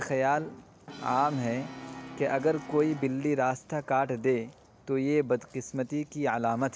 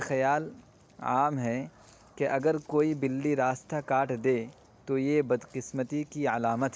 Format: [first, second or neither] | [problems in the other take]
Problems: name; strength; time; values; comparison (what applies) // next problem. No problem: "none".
second | background sound (Brass instrument); 18 dB below the speech